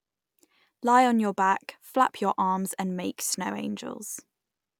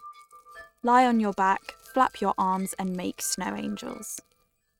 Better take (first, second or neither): first